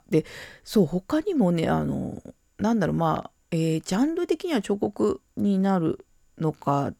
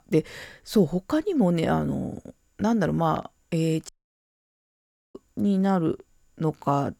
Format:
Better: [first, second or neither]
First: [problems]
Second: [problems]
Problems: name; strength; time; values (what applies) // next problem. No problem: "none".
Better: first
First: none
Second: audio cutting out; at 4 s for 1.5 s